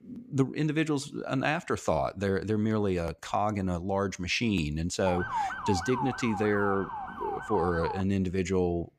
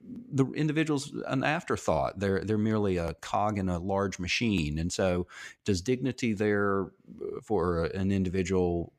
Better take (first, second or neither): second